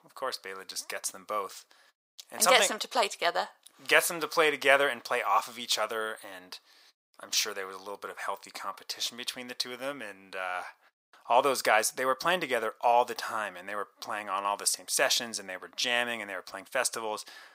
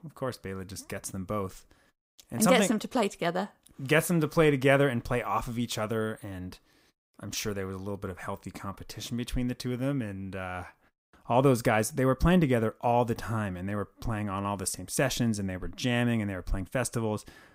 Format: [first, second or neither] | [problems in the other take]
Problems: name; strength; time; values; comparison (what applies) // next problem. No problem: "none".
second | thin; very; fading below 750 Hz